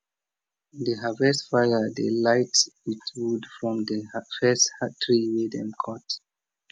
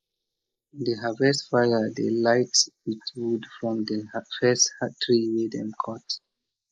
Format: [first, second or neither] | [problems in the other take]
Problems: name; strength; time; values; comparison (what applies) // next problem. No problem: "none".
first | noise reduction (neural mask model Resemble Enhance denoiser)